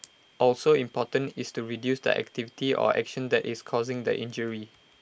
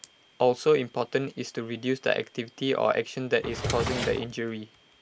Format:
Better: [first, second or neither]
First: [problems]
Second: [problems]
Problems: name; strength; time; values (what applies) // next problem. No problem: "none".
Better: first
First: none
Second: background sound (Drawer open or close); 4 dB below the speech